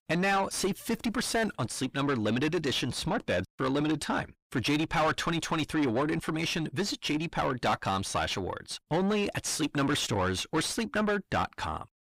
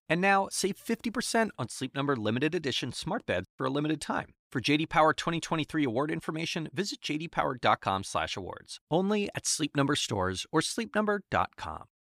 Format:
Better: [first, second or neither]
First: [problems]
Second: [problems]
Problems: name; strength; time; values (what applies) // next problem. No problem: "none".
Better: second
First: distortion; heavy; 6 dB below the speech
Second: none